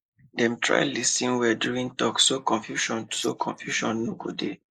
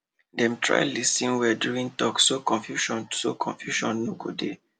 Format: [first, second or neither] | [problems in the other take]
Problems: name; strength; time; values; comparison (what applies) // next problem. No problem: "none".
second | noise reduction (neural mask model Resemble Enhance denoiser)